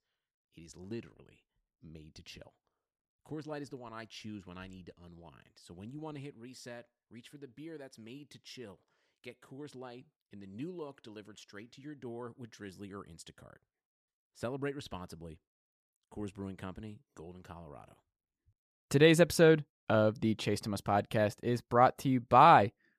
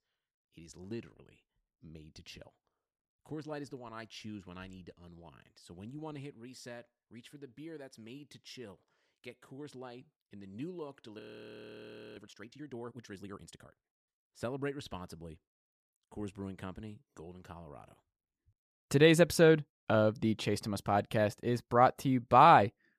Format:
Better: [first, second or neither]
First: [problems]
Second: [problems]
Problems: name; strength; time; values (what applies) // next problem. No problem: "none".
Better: first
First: none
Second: audio freezing; at 11 s for 1 s